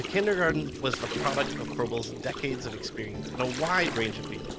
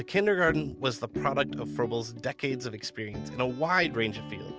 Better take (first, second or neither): second